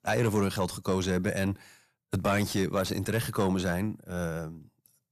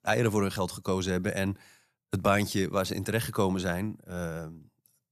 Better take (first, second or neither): second